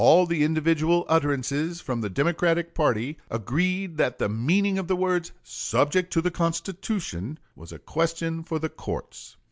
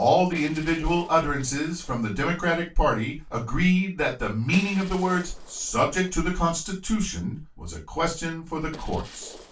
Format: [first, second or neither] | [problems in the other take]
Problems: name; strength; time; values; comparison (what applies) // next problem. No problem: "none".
first | noise reduction (neural separator model SepFormer DNS4)